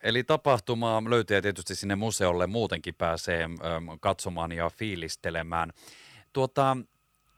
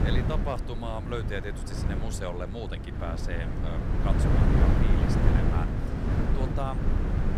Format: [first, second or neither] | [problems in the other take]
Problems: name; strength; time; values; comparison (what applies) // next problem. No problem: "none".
first | wind noise on the microphone; heavy; 1 dB above the speech